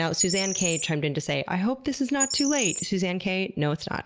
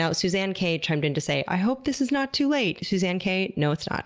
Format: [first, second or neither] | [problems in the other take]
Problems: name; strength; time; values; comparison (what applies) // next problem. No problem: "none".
second | background sound (Bird); 6 dB below the speech